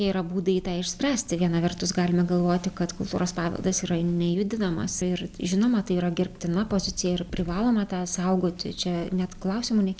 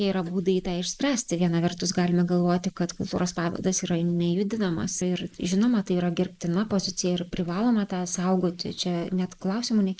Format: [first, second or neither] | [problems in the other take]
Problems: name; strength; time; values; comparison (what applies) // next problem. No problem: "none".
first | noise reduction (neural mask model Resemble Enhance denoiser)